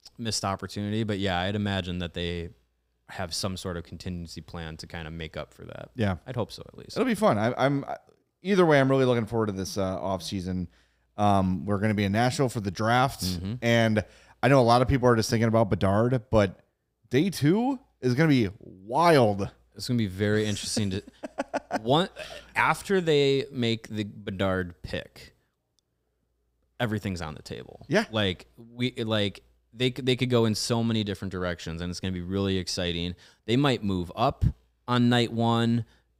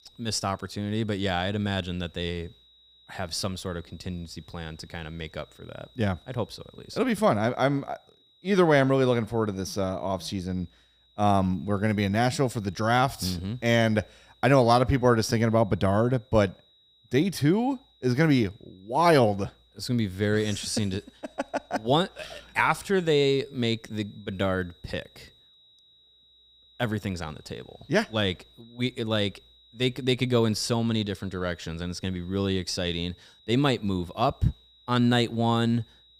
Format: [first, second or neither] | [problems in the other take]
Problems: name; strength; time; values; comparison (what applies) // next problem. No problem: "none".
first | high-pitched whine; faint; throughout; 4 kHz, 30 dB below the speech